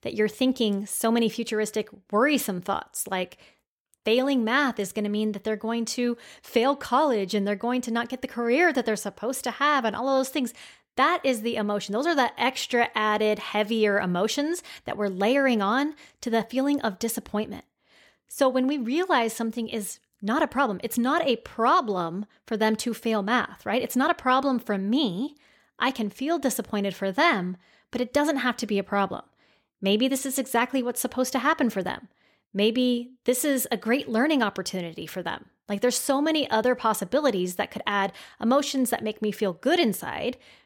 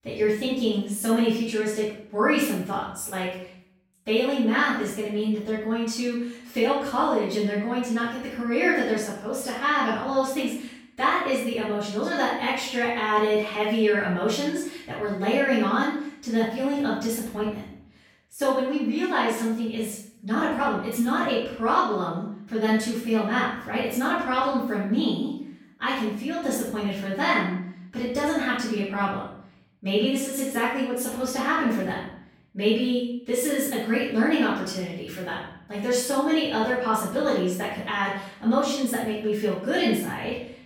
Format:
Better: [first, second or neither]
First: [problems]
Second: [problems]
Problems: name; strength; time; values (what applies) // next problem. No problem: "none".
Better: first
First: none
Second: room echo; noticeable; dies away in 0.6 s // off-mic speech; far